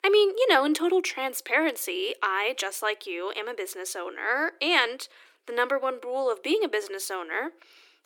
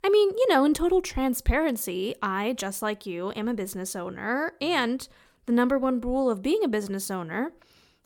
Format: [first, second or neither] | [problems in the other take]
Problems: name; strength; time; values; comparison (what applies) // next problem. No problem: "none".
second | thin; somewhat; fading below 300 Hz